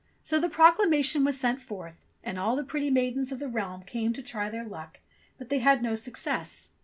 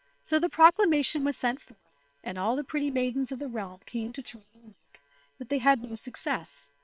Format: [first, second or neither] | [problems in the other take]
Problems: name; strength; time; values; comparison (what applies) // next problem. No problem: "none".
first | noise reduction (neural separator model SepFormer WHAM!)